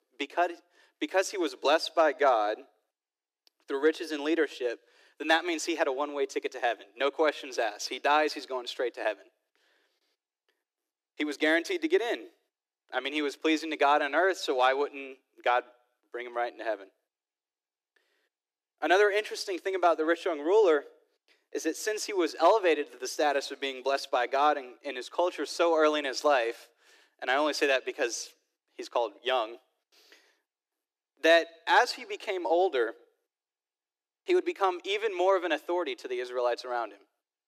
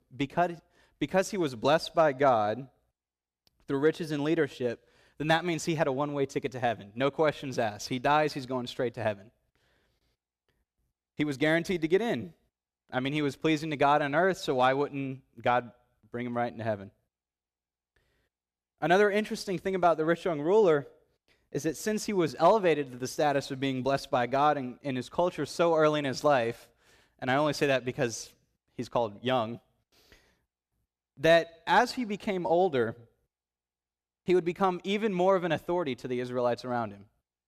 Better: second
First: thin; somewhat; fading below 300 Hz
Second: none

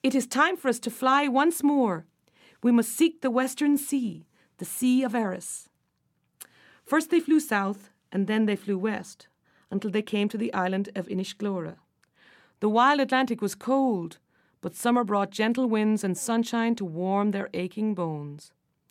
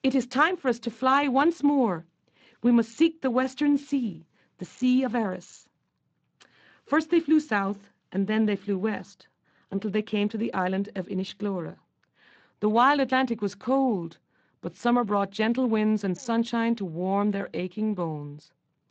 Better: first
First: none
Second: garbled, watery; slightly; nothing above 7.5 kHz

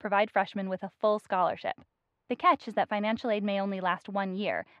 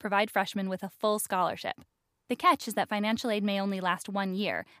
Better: second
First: muffled; slightly; fading above 2.5 kHz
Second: none

